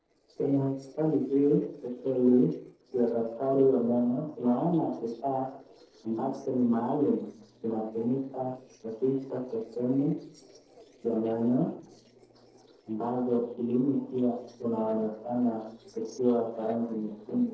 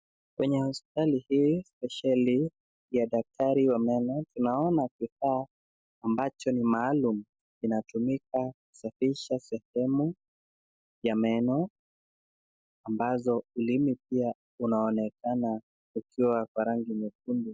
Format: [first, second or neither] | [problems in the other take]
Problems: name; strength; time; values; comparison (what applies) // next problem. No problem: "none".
second | noise reduction (neural separator model SepFormer DNS4)